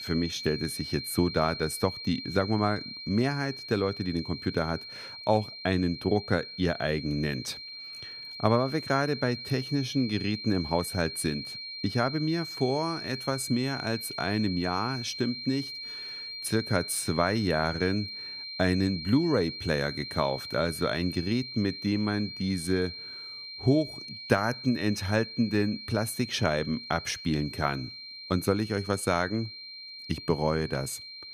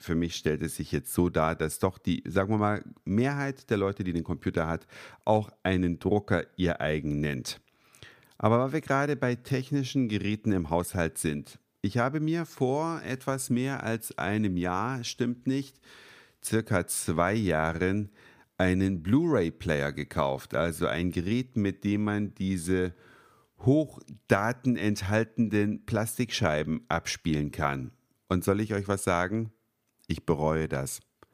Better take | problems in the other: second | high-pitched whine; loud; throughout; 4 kHz, 9 dB below the speech

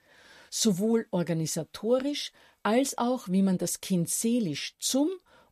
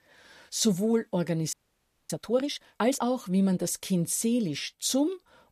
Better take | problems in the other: first | audio freezing; at 1.5 s for 0.5 s

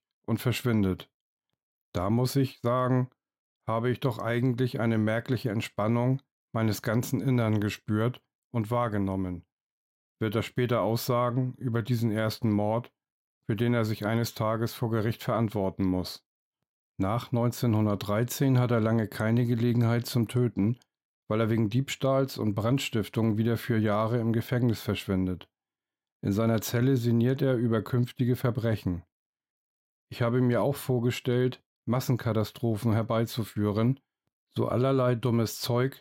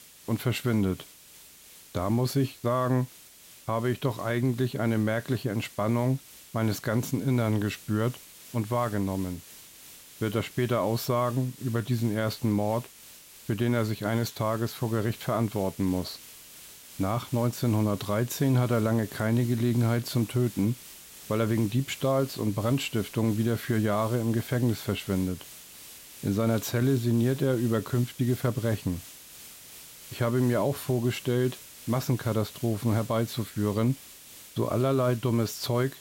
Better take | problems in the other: first | hiss; noticeable; throughout; 15 dB below the speech

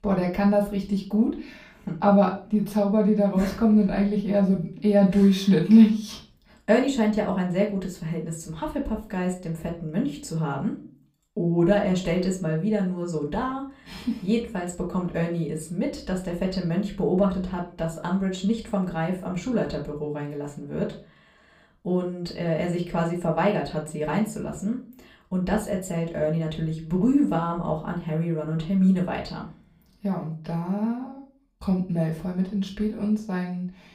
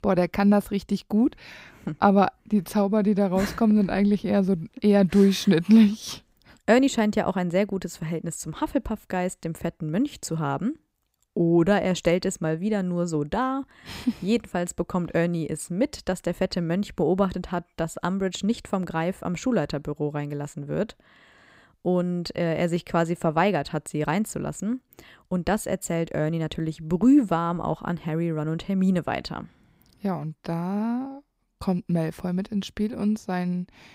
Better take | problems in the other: second | room echo; slight; dies away in 0.4 s // off-mic speech; far

